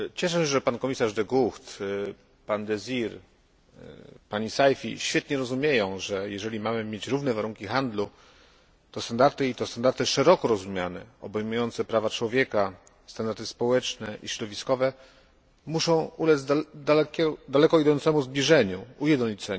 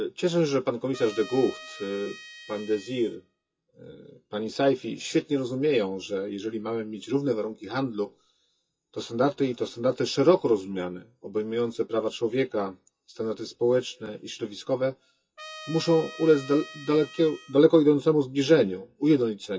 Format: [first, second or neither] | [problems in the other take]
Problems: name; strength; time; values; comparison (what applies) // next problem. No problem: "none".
first | noise reduction (classical method WPE with log-MMSE)